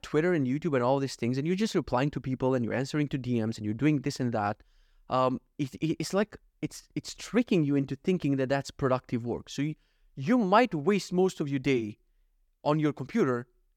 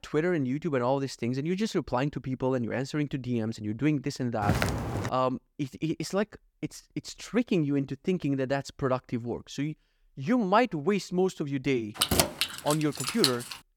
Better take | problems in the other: first | footsteps; loud; at 4.5 s; peak 1 dB above the speech // jangling keys; loud; from 12 s on; peak 5 dB above the speech

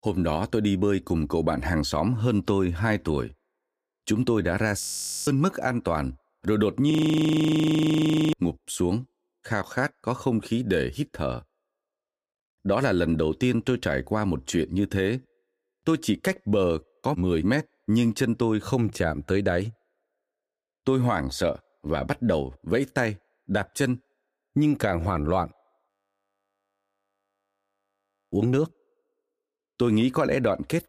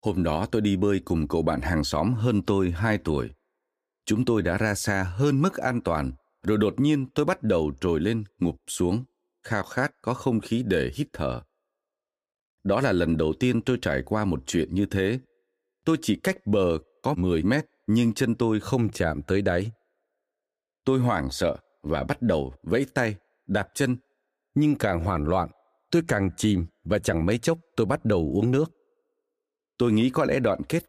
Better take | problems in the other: second | audio freezing; at 5 s, at 7 s for 1.5 s and at 26 s for 2.5 s

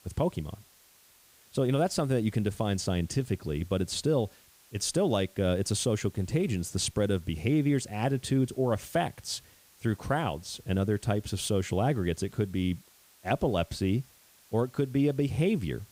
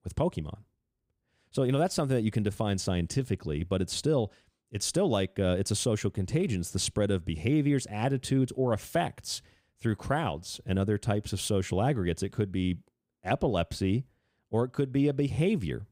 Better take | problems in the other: second | hiss; faint; throughout; 25 dB below the speech

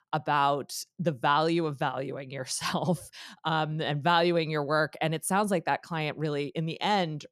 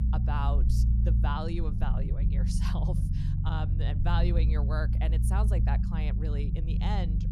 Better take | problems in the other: first | low rumble; loud; throughout; 5 dB below the speech

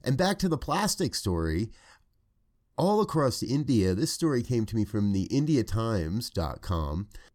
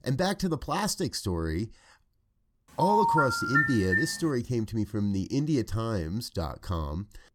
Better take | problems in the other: first | phone ringing; loud; from 3 to 4 s; peak 5 dB above the speech

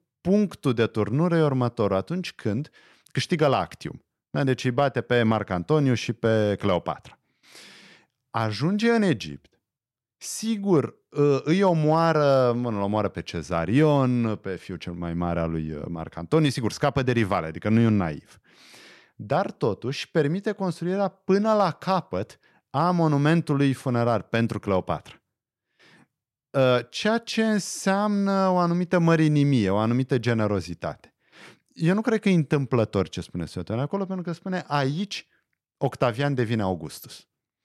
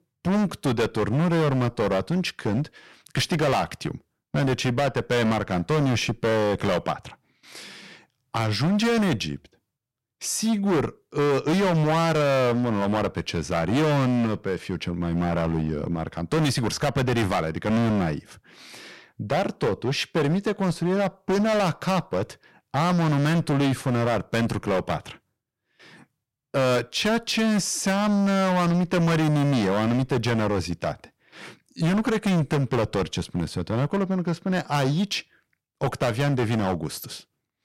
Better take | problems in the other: first | distortion; heavy; 20% of the sound clipped

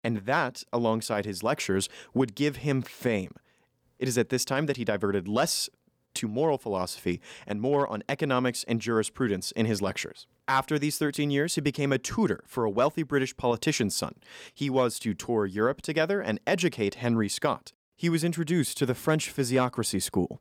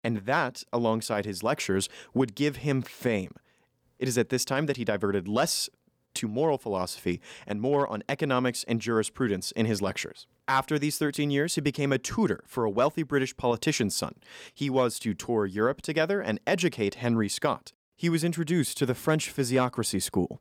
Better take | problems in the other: neither | none

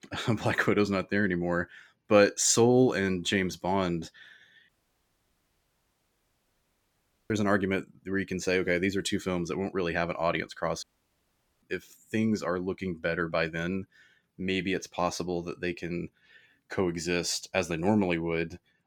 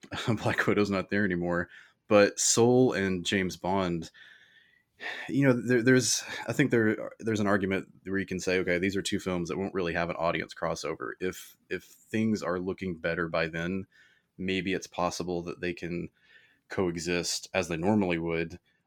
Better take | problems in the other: second | audio cutting out; at 4.5 s for 2.5 s and at 11 s for 1 s

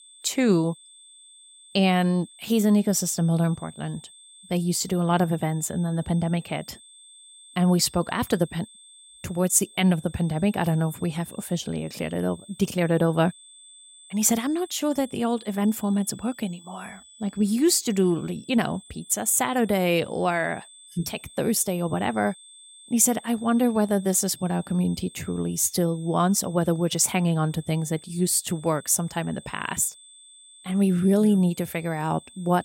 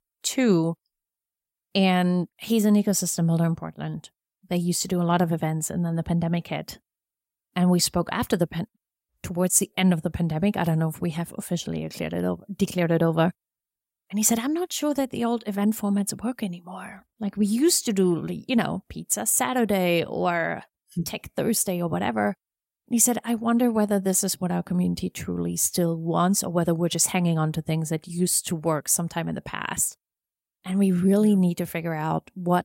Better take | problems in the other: second | high-pitched whine; faint; throughout; 8.5 kHz, 20 dB below the speech

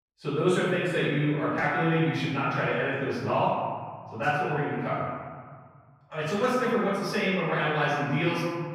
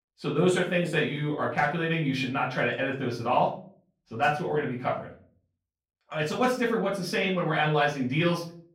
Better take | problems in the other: second | room echo; strong; dies away in 1.7 s; slight in the second // off-mic speech; far; far in the second

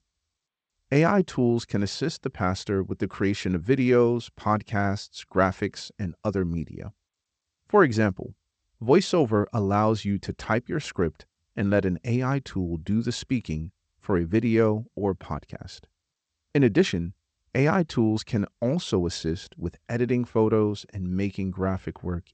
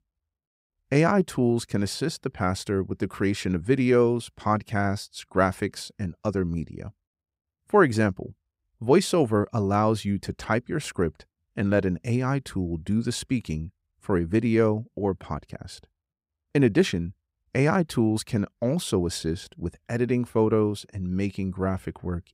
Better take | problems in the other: second | garbled, watery; slightly; nothing above 8 kHz

